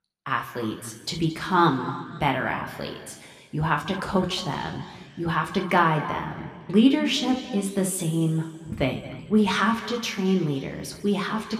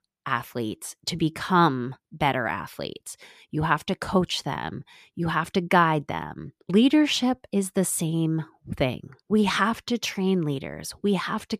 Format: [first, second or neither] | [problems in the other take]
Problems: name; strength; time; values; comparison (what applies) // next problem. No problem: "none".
second | room echo; slight; dies away in 1.8 s